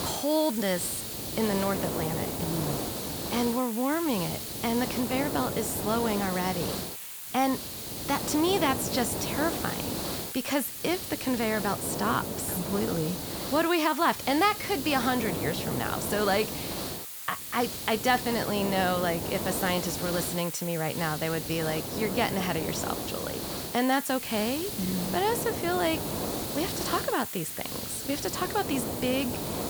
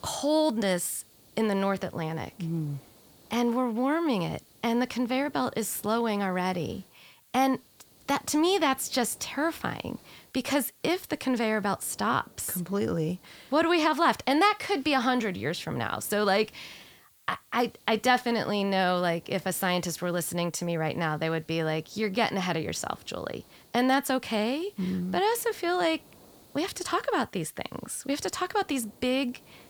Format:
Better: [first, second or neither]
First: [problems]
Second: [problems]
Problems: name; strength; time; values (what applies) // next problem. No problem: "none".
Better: second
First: hiss; loud; throughout; 3 dB below the speech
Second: hiss; faint; throughout; 25 dB below the speech